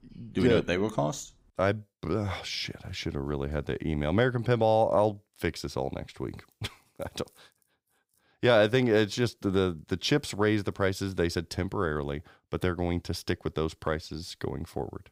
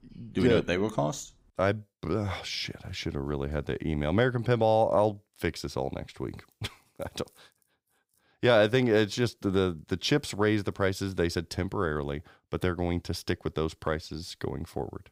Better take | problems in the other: neither | none

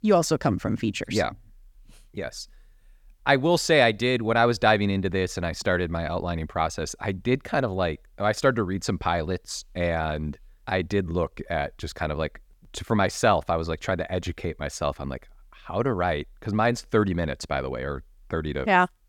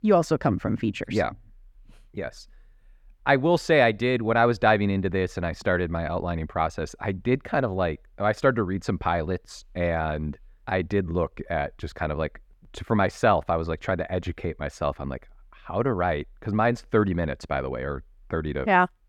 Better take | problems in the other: first | muffled; slightly; fading above 3.5 kHz

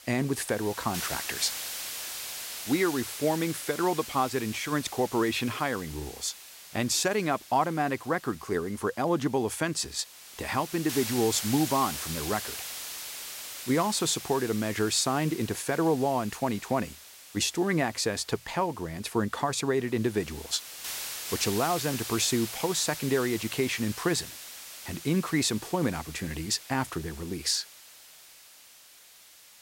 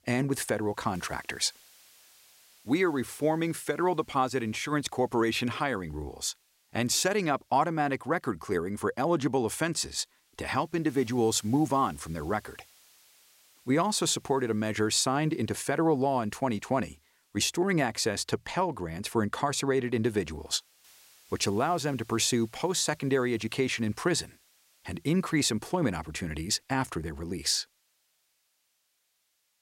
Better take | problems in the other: second | hiss; loud; throughout; 9 dB below the speech; faint in the second

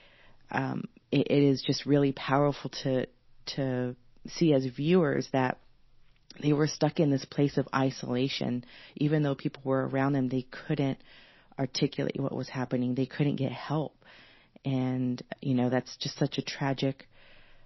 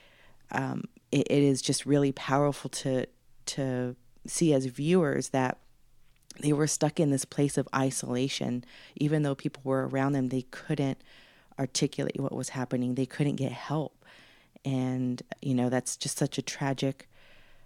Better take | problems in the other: second | garbled, watery; slightly; nothing above 5.5 kHz

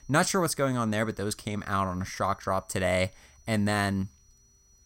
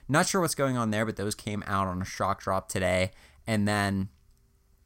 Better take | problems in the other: second | high-pitched whine; faint; throughout; 6 kHz, 30 dB below the speech

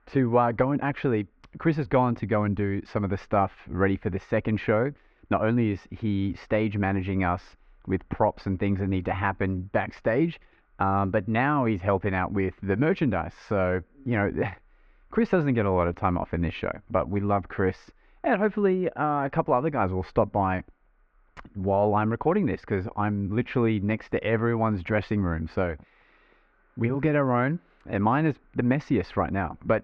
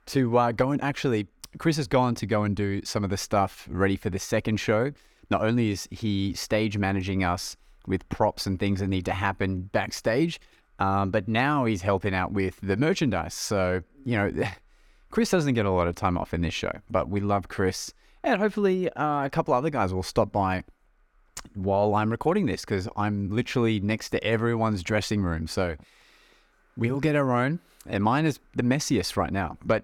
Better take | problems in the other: second | muffled; very; fading above 2.5 kHz

